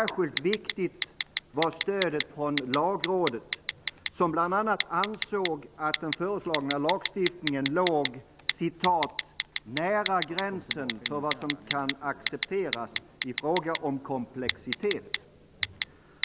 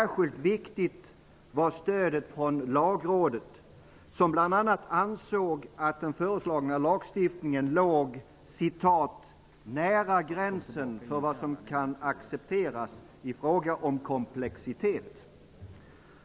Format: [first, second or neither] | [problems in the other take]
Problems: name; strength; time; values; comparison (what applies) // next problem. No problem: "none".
second | background sound (Telephone); 6 dB below the speech